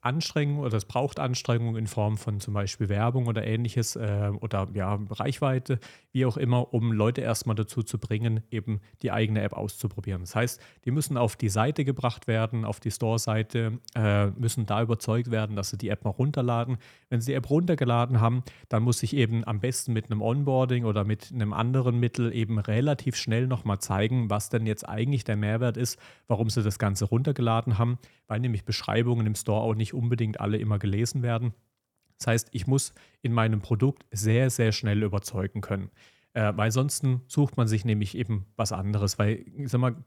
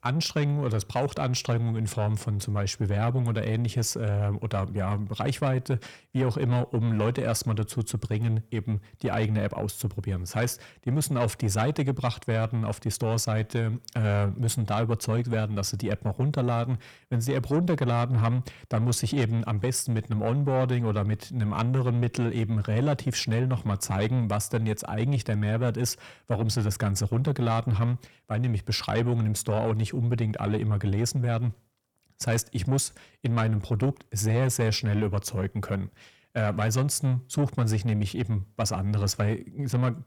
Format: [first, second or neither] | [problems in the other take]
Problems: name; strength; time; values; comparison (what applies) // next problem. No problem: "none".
first | distortion; slight; 10 dB below the speech